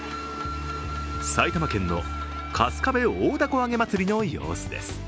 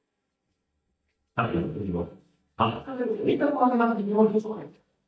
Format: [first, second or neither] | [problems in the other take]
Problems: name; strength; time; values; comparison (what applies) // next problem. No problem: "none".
first | noise reduction (neural mask model DeepFilterNet 3)